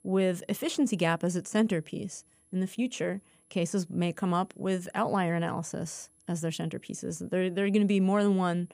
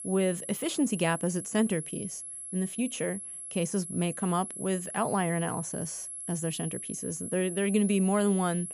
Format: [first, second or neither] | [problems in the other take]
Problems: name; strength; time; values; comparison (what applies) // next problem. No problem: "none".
first | high-pitched whine; loud; throughout; 11 kHz, 7 dB below the speech; faint in the first